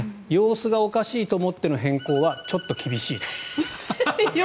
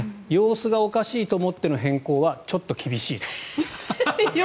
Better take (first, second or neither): second